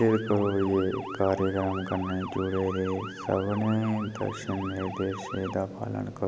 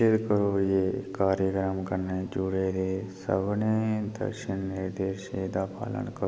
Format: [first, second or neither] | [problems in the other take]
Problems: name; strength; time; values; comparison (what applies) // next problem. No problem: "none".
second | background sound (Motor vehicle (road) / Siren); 12 dB below the speech